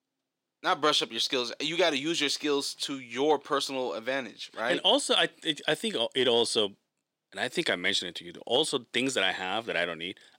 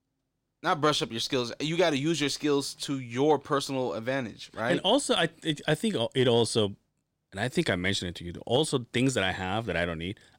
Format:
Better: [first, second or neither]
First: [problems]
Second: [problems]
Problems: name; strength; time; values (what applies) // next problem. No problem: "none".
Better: second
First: thin; very slightly; fading below 300 Hz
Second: none